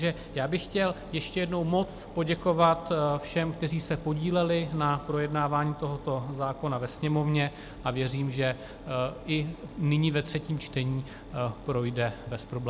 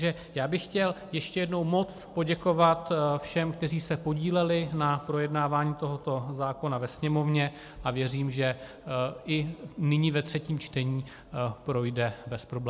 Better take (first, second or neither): second